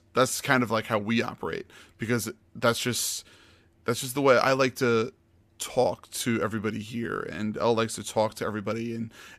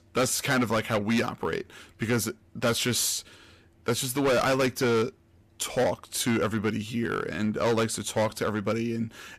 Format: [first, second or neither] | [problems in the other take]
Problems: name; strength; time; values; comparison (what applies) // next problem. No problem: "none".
first | distortion; heavy; 9% of the sound clipped